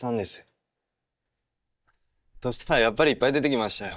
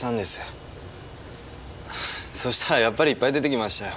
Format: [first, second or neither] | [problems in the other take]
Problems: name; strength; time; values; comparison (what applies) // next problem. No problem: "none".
second | noise reduction (neural mask model DeepFilterNet 3)